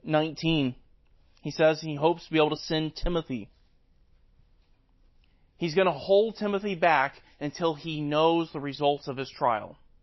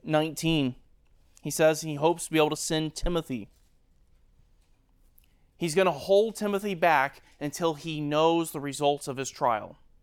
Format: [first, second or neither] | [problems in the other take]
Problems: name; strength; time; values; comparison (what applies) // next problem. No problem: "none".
second | garbled, watery; slightly; nothing above 5.5 kHz